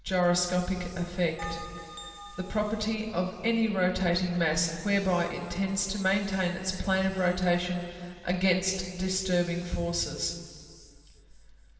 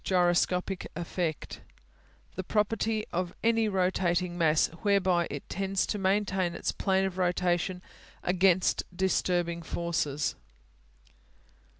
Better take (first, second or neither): second